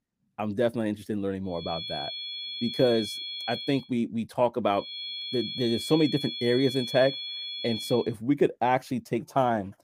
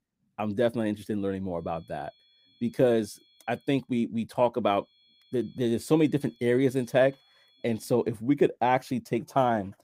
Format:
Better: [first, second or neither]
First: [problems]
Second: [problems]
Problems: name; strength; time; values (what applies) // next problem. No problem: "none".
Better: second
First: high-pitched whine; loud; from 1.5 to 3.5 s and from 5 to 8 s; 3.5 kHz, 6 dB below the speech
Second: high-pitched whine; faint; from 1.5 to 3.5 s and from 5 to 8 s; 3.5 kHz, 35 dB below the speech